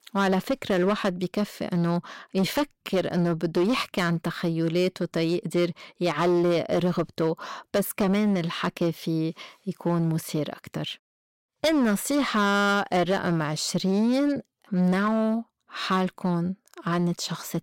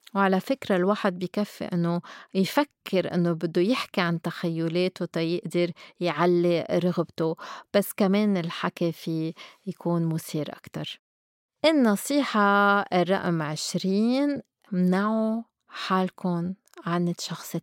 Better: second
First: distortion; slight; 9% of the sound clipped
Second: none

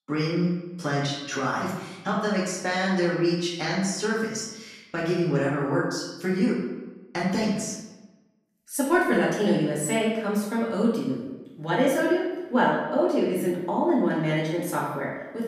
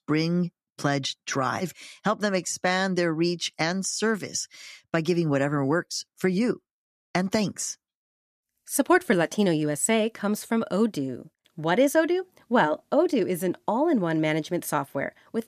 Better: second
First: room echo; noticeable; dies away in 0.9 s // off-mic speech; far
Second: none

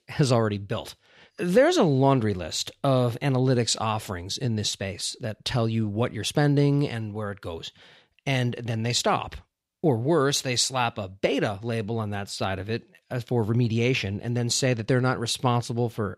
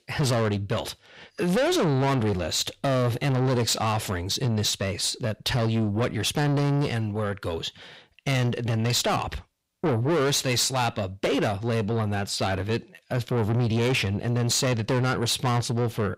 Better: first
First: none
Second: distortion; heavy; 7 dB below the speech

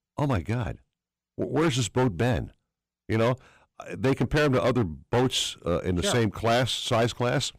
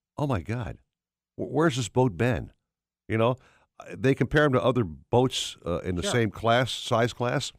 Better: second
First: distortion; heavy; 9% of the sound clipped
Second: none

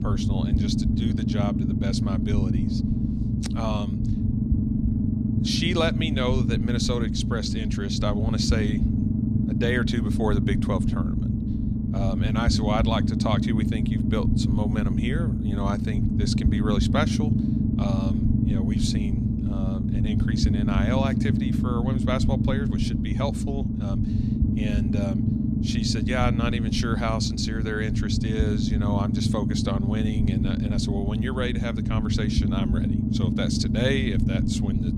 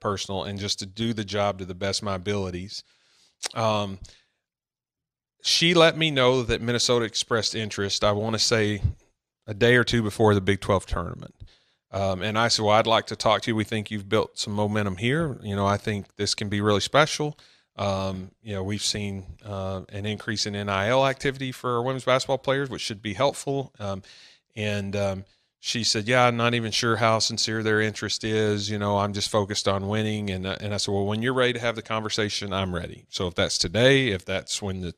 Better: second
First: low rumble; loud; throughout; 2 dB below the speech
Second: none

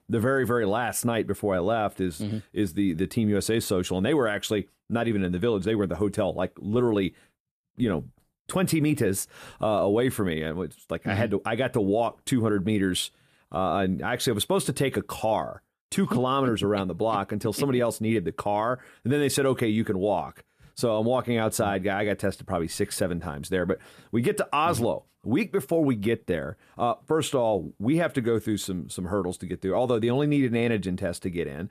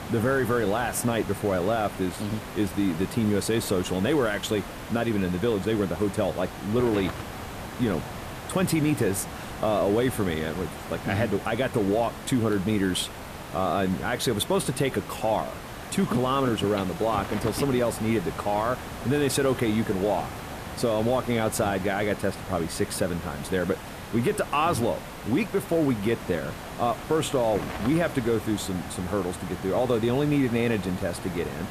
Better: first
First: none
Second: hiss; noticeable; throughout; 10 dB below the speech

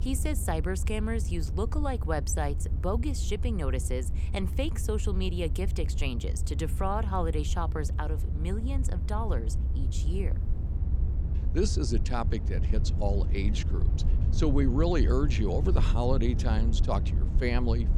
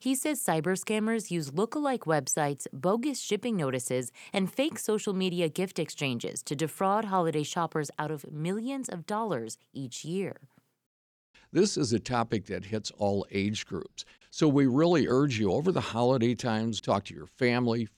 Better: second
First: low rumble; noticeable; throughout; 10 dB below the speech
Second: none

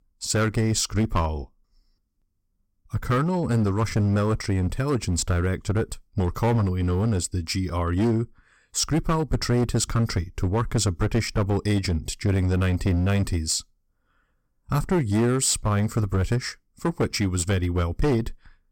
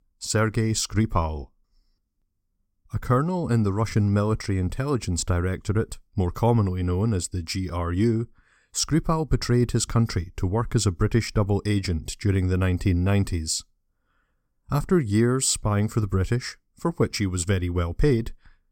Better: second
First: distortion; slight; 10% of the sound clipped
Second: none

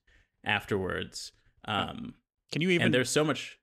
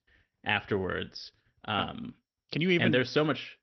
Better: first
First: none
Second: garbled, watery; slightly; nothing above 6 kHz

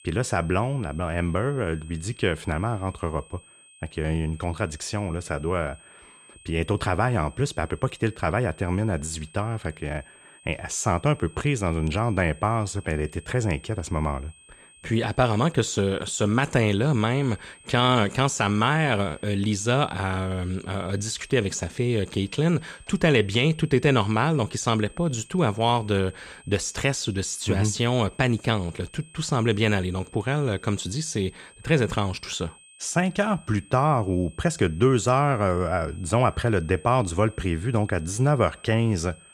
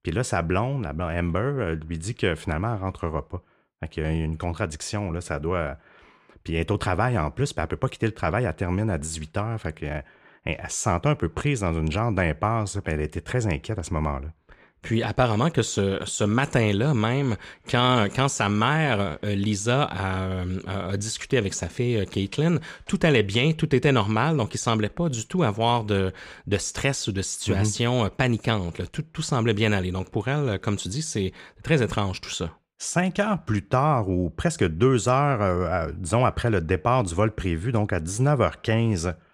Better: second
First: high-pitched whine; faint; throughout; 8.5 kHz, 25 dB below the speech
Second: none

